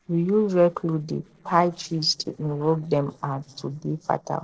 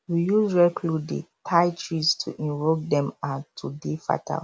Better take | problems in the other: second | noise reduction (neural separator model SepFormer DNS4)

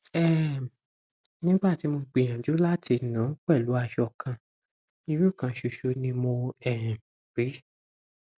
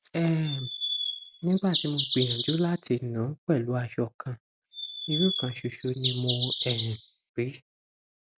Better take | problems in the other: first | background sound (Bird vocalization, bird call, bird song); 3 dB below the speech

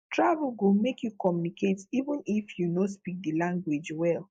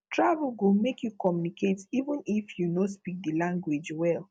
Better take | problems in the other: second | noise reduction (neural mask model Resemble Enhance denoiser)

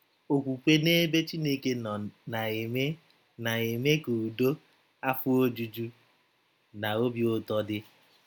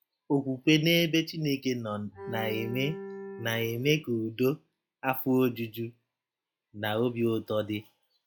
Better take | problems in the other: first | noise reduction (classical method log-MMSE)

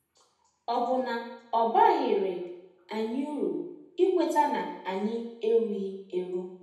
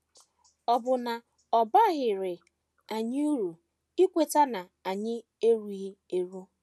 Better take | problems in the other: second | room echo; dies away in 0.8 s

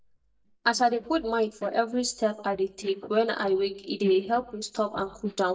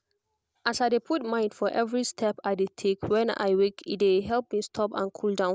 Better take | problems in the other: second | noise reduction (neural mask model DeepFilterNet 3)

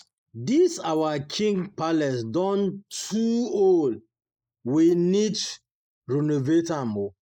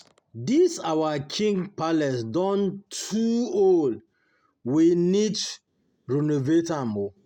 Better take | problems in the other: second | noise reduction (neural mask model Resemble Enhance denoiser)

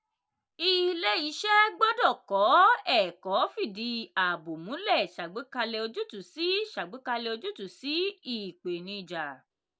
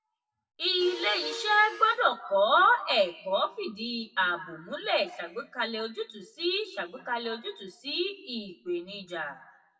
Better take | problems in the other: first | noise reduction (classical method WPE with log-MMSE)

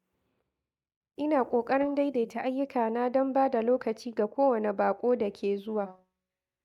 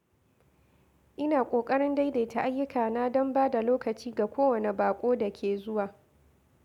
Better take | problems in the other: second | noise reduction (neural mask model DeepFilterNet 3)

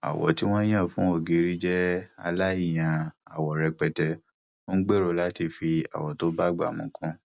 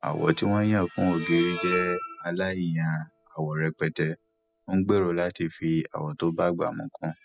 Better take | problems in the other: first | noise reduction (classical method spectral subtraction)

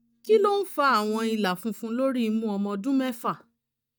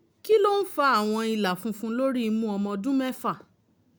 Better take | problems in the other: second | noise reduction (neural mask model DeepFilterNet 3)

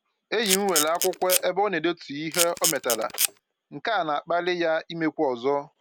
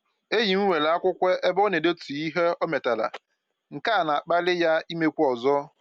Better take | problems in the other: second | background sound (Camera); 1 dB below the speech

